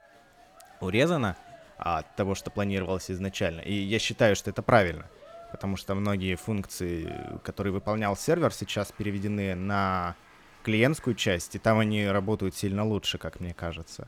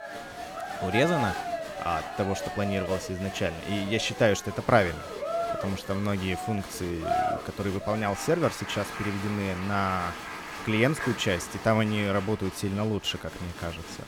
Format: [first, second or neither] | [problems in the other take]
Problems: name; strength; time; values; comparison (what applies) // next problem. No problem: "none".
first | crowd noise; loud; throughout; 6 dB below the speech; faint in the first